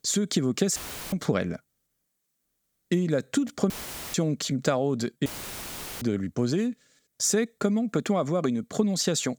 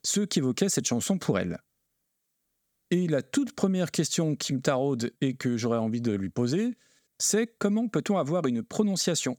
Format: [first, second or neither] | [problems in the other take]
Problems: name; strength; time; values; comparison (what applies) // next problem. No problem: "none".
second | audio cutting out; filled with static; at 1 s, at 3.5 s and at 5.5 s for 1 s